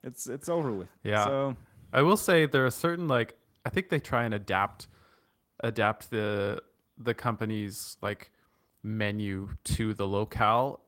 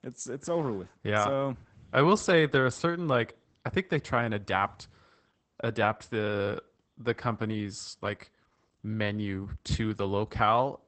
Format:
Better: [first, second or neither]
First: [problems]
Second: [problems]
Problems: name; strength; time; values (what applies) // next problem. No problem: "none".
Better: first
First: garbled, watery; slightly; nothing above 16.5 kHz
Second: garbled, watery; badly; nothing above 8 kHz